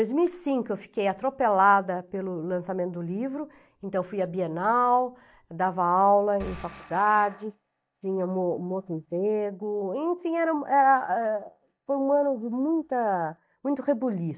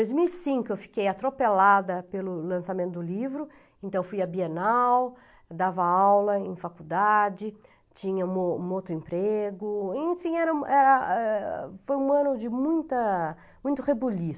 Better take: second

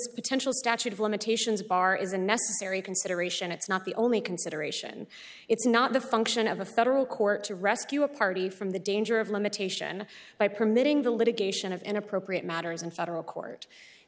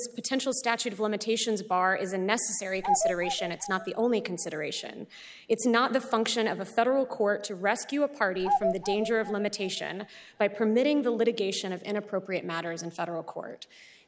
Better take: first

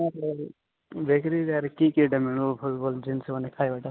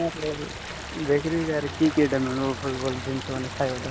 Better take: first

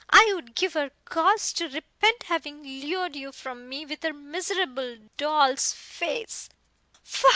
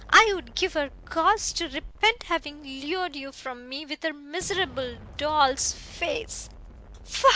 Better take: first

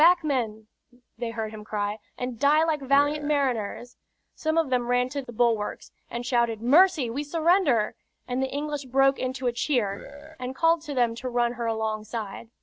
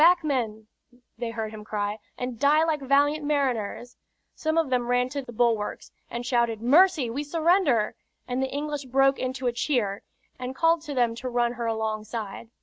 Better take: second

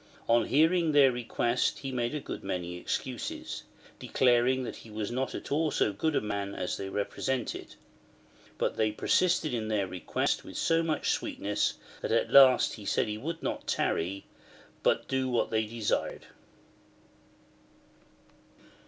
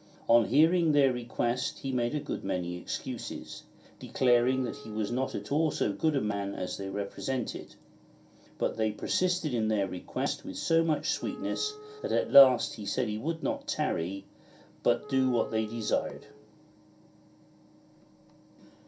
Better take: first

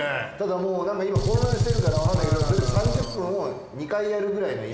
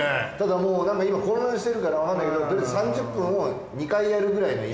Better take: second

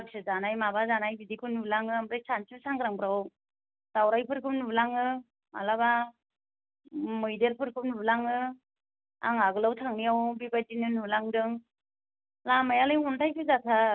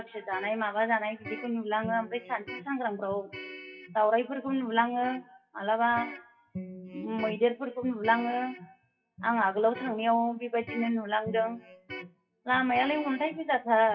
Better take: first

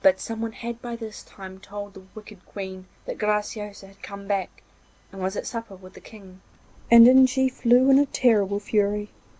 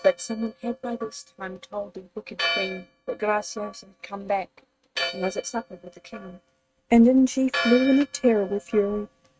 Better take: first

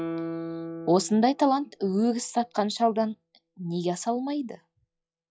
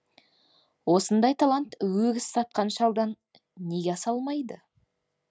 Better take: second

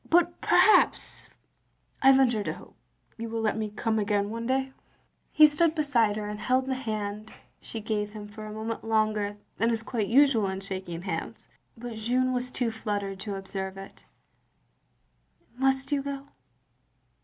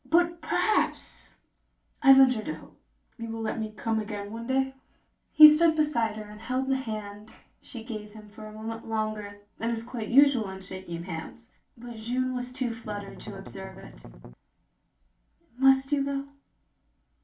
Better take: first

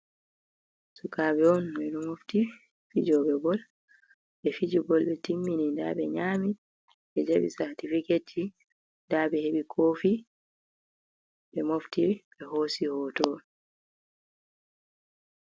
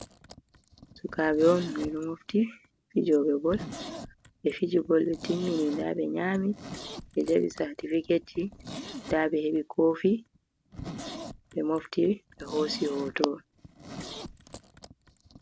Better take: first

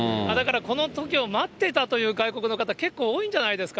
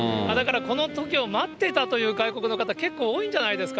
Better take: first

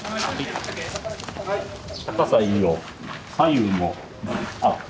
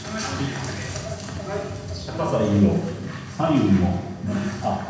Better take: first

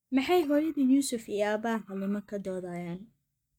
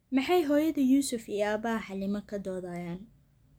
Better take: second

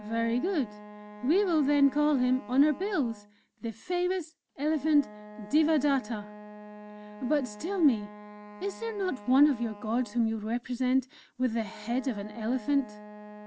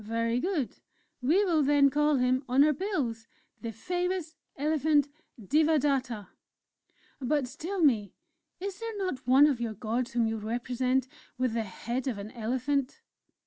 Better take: second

